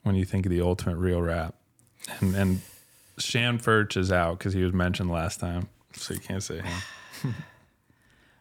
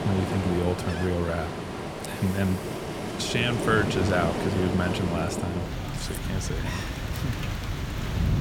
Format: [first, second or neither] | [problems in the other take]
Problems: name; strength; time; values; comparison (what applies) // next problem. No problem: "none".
first | rain or running water; loud; throughout; 2 dB below the speech